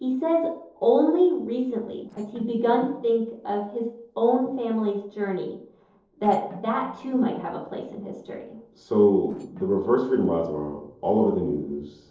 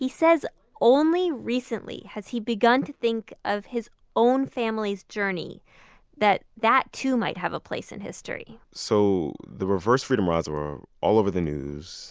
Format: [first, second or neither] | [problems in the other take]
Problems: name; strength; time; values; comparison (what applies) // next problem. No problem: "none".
second | noise reduction (neural separator model SepFormer DNS4)